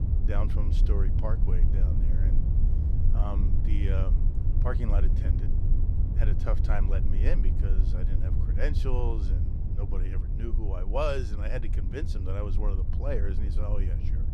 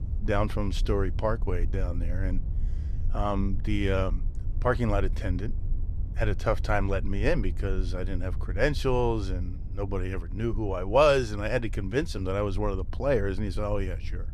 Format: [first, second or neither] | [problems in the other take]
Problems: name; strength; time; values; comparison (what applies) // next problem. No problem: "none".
second | low rumble; loud; throughout; 6 dB below the speech; faint in the second